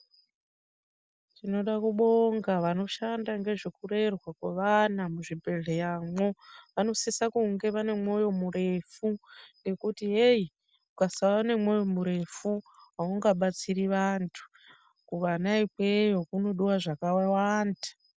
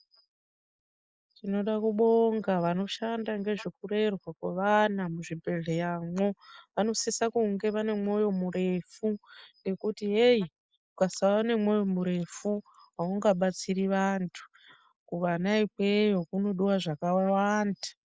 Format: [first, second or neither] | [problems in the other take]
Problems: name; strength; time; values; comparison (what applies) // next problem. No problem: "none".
first | noise reduction (neural mask model Resemble Enhance denoiser)